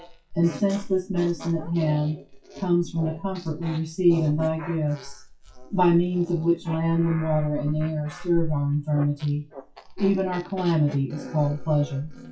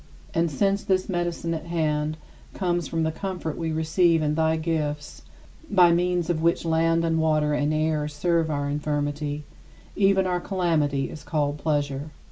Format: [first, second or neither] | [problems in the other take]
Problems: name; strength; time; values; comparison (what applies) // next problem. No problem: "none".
second | noise reduction (classical method WPE with log-MMSE)